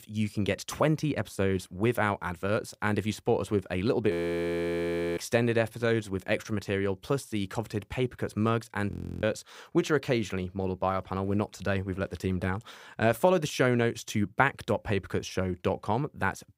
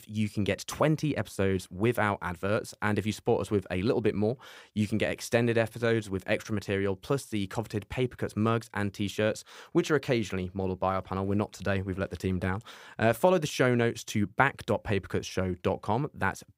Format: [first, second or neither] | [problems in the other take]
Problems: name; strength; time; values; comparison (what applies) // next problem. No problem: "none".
second | audio freezing; at 4 s for 1 s and at 9 s